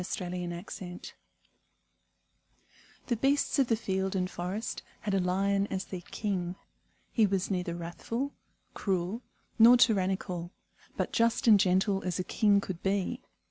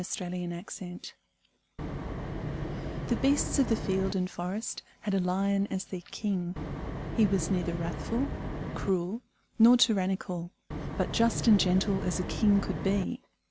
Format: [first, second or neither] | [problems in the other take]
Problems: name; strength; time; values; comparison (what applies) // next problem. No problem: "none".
first | background sound (Wind); 5 dB below the speech